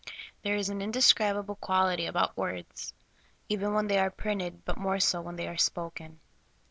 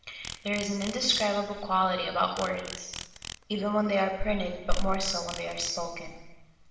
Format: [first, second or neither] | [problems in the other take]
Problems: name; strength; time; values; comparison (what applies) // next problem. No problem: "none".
first | background sound (Insect); 15 dB below the speech // room echo; dies away in 1 s